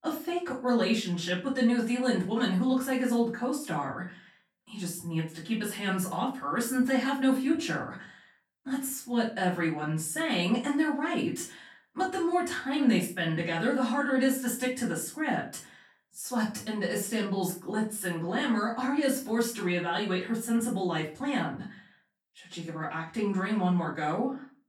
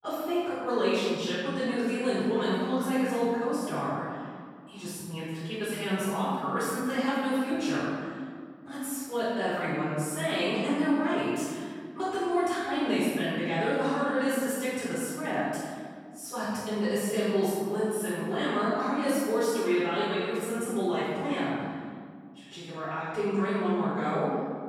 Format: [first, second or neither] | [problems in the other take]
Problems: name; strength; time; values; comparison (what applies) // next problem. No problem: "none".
first | room echo; strong; dies away in 1.8 s; slight in the first // off-mic speech; far; far in the first